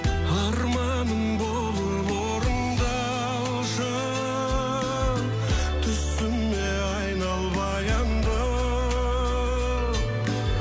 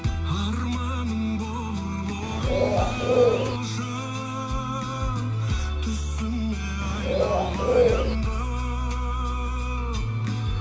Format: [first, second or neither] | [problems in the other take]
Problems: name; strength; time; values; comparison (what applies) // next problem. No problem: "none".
first | background sound (Bird); 3 dB above the speech // room echo; dies away in 1.4 s